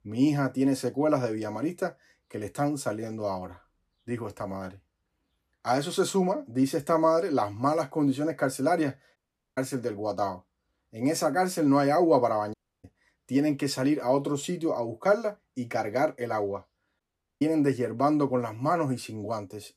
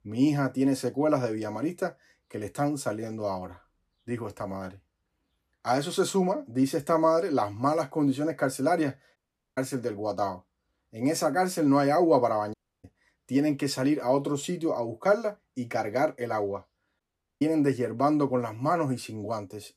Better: neither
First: audio cutting out; at 9 s, at 13 s and at 17 s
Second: audio cutting out; at 9 s, at 13 s and at 17 s

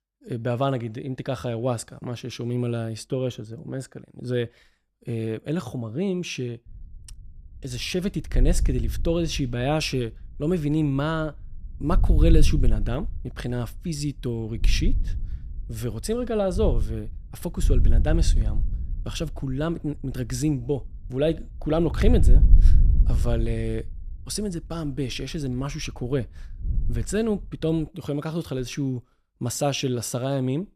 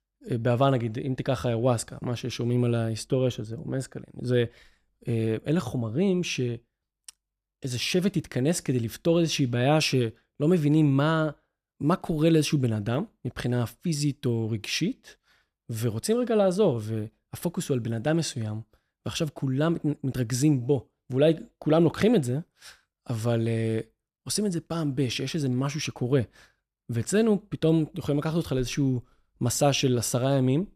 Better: second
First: wind noise on the microphone; occasional gusts; from 6.5 to 28 s; 15 dB below the speech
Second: none

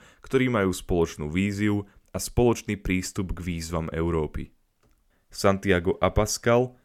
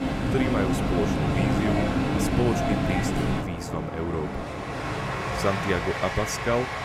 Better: first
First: none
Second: train or aircraft noise; very loud; throughout; 3 dB above the speech

